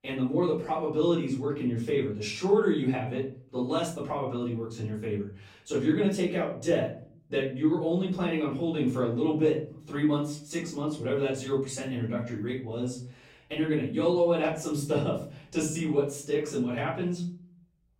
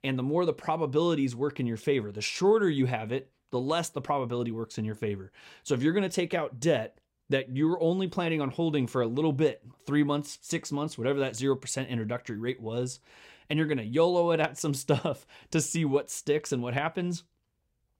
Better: second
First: room echo; noticeable; dies away in 0.4 s // off-mic speech; far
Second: none

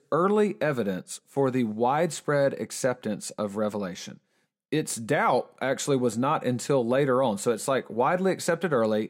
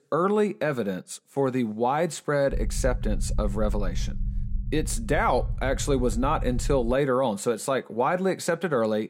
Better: first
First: none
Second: low rumble; faint; from 2.5 to 7 s; 25 dB below the speech

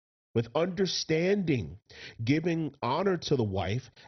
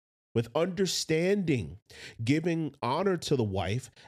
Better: second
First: garbled, watery; badly; nothing above 6 kHz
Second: none

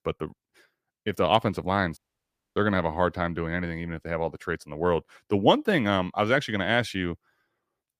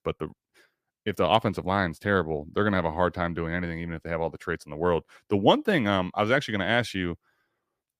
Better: second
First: audio cutting out; at 2 s for 0.5 s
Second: none

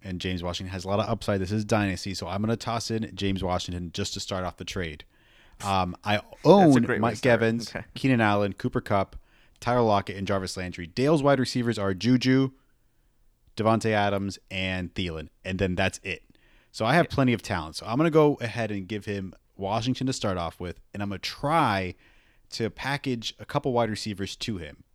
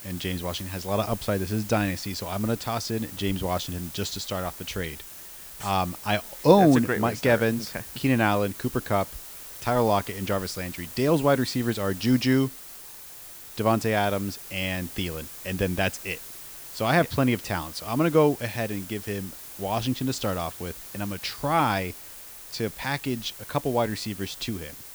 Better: first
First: none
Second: hiss; noticeable; throughout; 10 dB below the speech

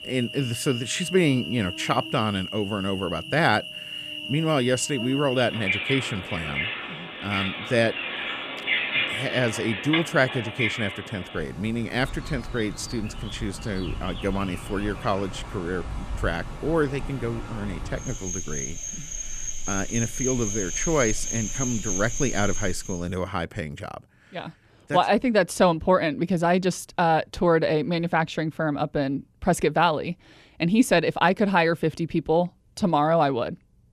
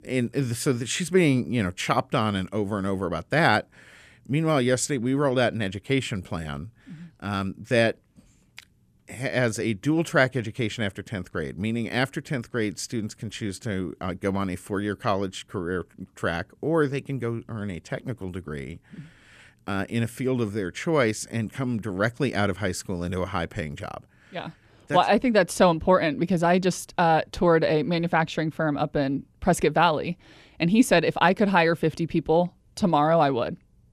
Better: second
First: animal sounds; loud; until 23 s; 6 dB below the speech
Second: none

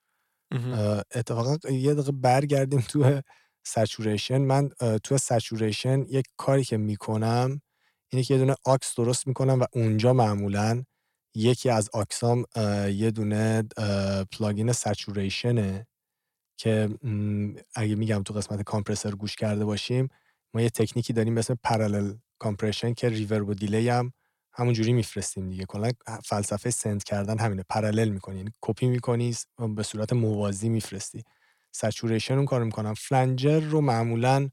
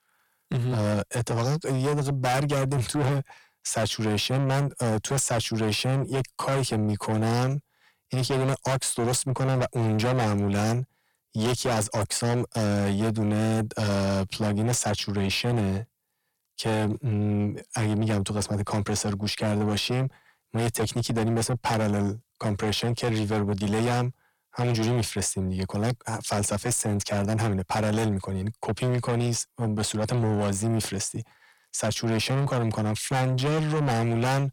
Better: first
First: none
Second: distortion; heavy; 6 dB below the speech

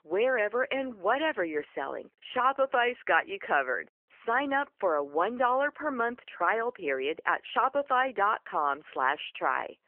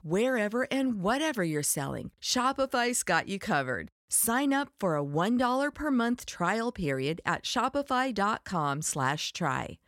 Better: second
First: phone-call audio; nothing above 3 kHz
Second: none

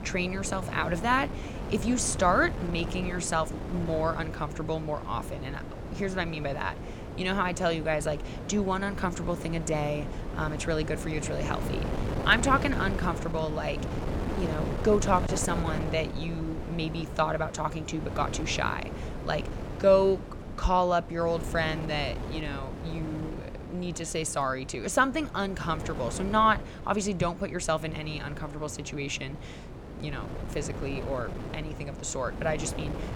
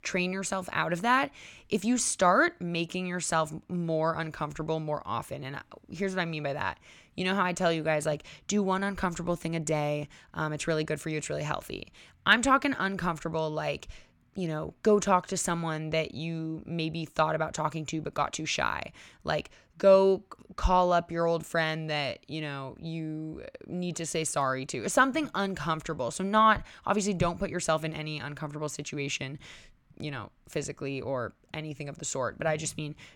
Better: second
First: wind noise on the microphone; occasional gusts; 10 dB below the speech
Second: none

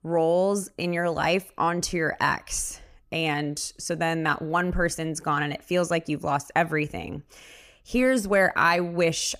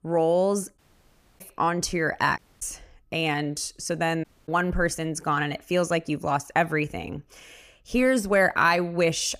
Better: first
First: none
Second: audio cutting out; at 1 s for 0.5 s, at 2.5 s and at 4 s

